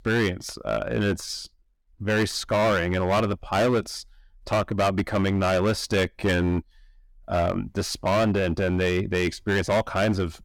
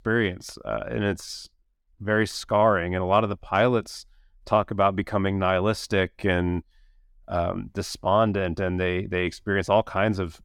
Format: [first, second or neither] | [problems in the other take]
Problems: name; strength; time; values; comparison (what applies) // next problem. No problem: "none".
second | distortion; heavy; 11% of the sound clipped